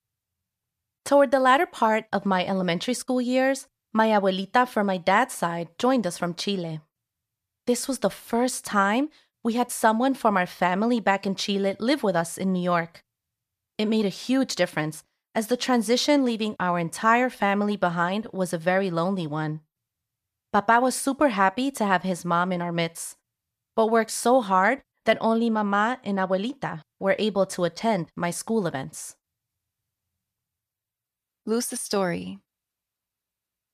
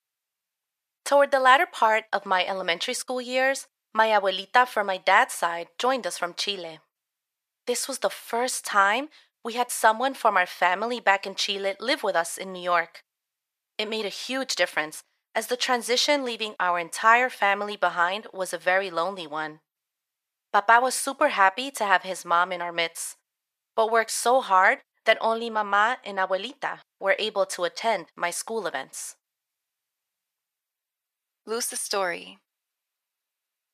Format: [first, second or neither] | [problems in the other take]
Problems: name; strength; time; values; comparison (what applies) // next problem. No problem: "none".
first | thin; somewhat; fading below 550 Hz